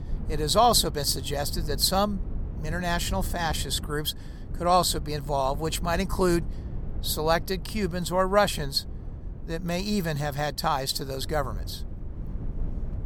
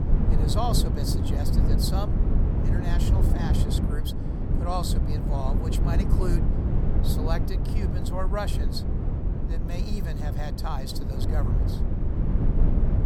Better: first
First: low rumble; faint; throughout; 20 dB below the speech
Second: low rumble; loud; throughout; 2 dB below the speech

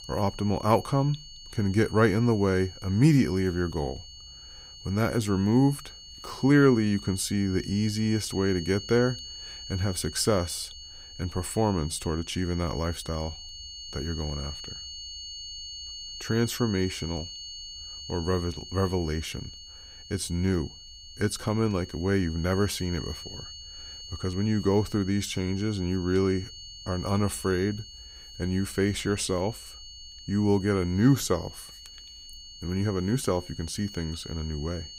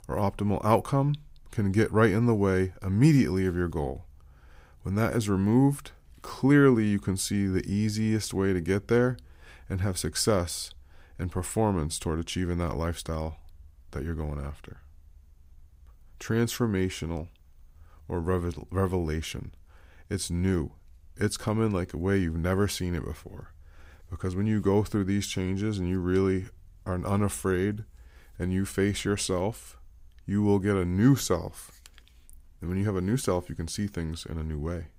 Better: second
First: high-pitched whine; noticeable; throughout; 4.5 kHz, 15 dB below the speech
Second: none

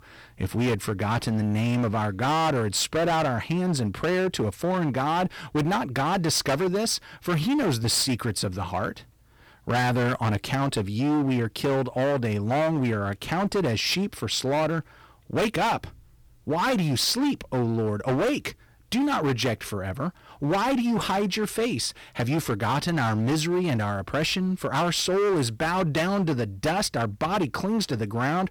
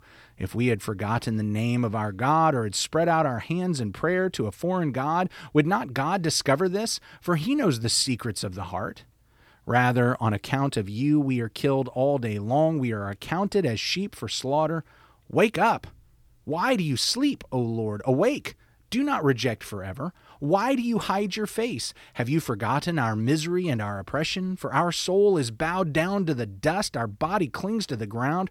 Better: second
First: distortion; heavy; 19% of the sound clipped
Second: none

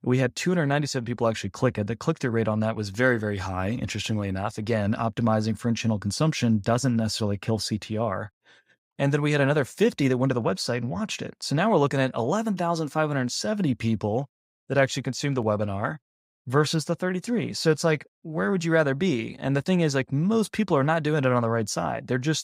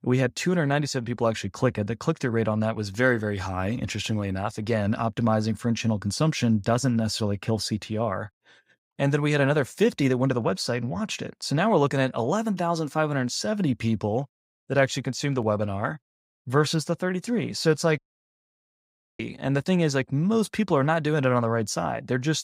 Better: first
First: none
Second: audio cutting out; at 18 s for 1 s

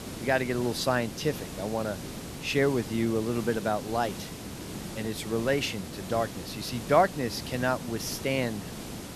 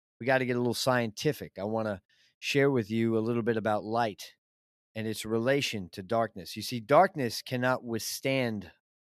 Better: second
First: hiss; loud; throughout; 10 dB below the speech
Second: none

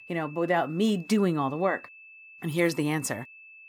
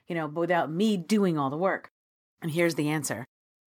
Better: second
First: high-pitched whine; noticeable; throughout; 2.5 kHz, 20 dB below the speech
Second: none

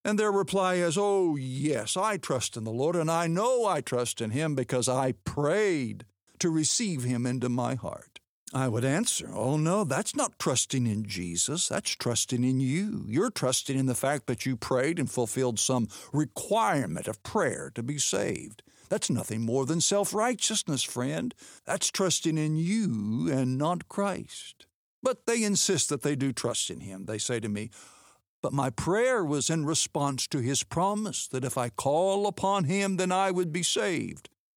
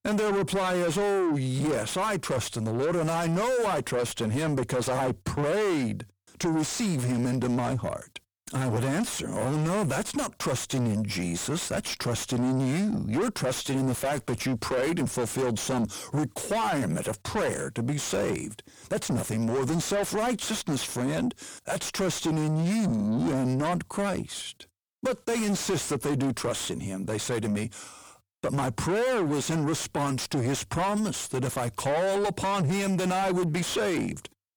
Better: first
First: none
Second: distortion; heavy; 6 dB below the speech

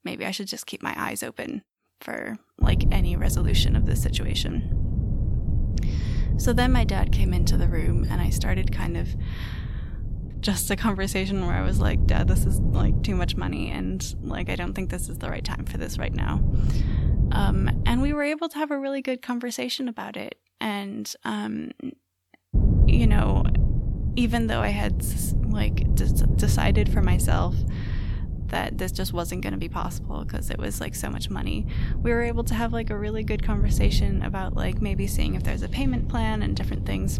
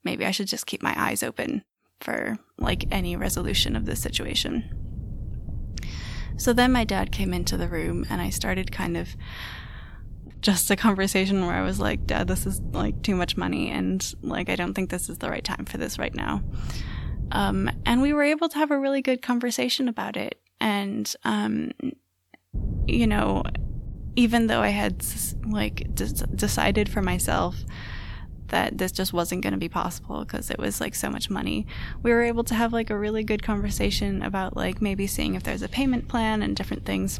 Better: second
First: low rumble; loud; from 2.5 to 18 s and from 23 s on; 9 dB below the speech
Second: low rumble; faint; from 2.5 to 18 s and from 23 s on; 20 dB below the speech

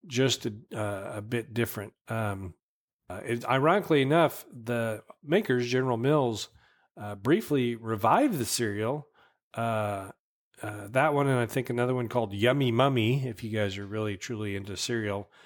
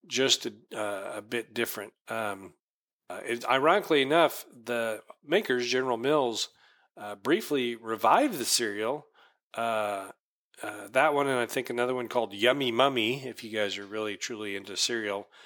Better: first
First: none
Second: thin; somewhat; fading below 300 Hz

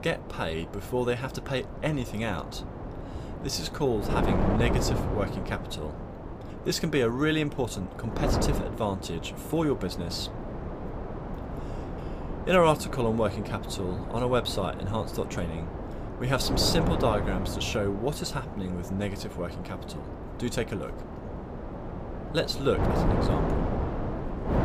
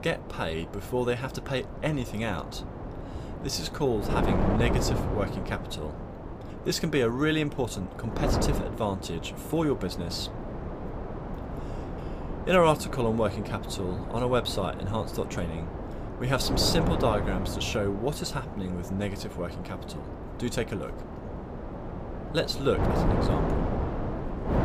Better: neither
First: wind noise on the microphone; heavy; 6 dB below the speech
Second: wind noise on the microphone; heavy; 6 dB below the speech

